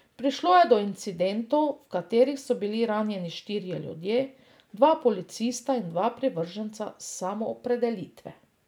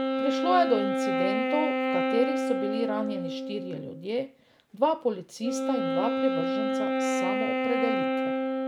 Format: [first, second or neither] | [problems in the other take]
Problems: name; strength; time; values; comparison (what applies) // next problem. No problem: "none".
first | background sound (Wind instrument, woodwind instrument); 2 dB above the speech